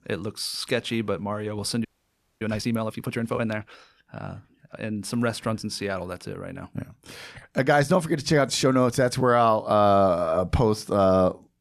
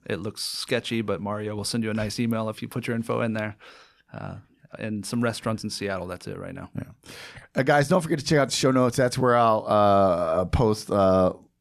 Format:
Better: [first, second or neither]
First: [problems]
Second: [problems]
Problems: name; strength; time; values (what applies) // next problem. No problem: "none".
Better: second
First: audio freezing; at 2 s for 0.5 s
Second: none